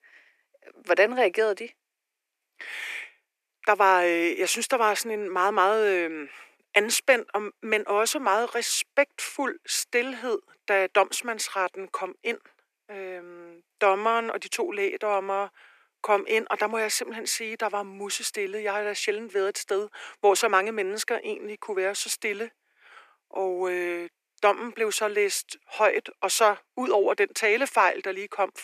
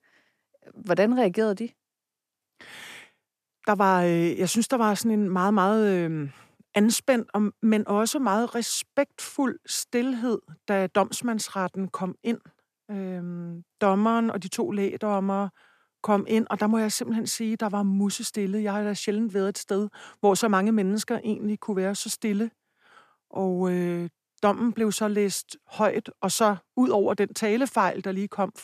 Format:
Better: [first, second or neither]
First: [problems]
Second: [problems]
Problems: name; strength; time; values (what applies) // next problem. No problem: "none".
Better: second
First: thin; very; fading below 350 Hz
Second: none